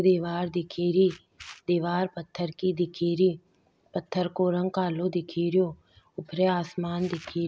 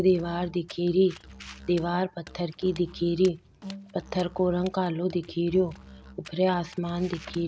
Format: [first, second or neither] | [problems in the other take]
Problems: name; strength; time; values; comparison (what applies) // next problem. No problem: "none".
first | background sound (Musical instrument + Walk, footsteps); 19 dB below the speech